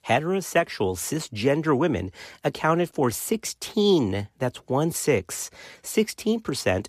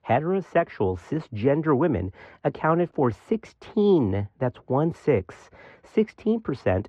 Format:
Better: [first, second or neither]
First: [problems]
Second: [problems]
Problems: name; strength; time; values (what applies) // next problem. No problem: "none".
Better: first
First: none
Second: muffled; very; fading above 1.5 kHz